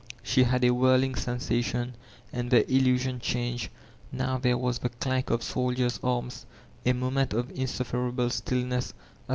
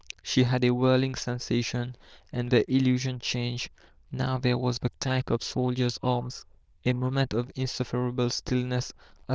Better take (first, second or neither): first